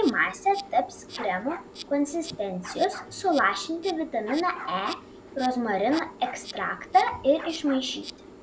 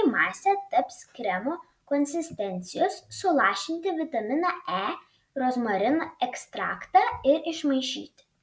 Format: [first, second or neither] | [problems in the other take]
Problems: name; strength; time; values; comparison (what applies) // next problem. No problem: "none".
second | background sound (Insect + Bark); 15 dB below the speech